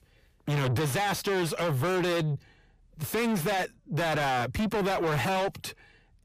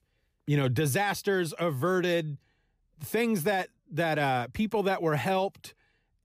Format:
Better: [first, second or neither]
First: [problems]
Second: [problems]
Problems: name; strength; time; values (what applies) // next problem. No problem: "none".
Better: second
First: distortion; heavy; 6 dB below the speech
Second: none